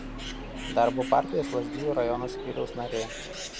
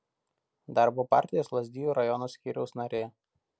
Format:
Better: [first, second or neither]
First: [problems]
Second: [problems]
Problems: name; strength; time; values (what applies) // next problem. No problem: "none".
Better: second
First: background sound (Bird + Squeak); 6 dB below the speech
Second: none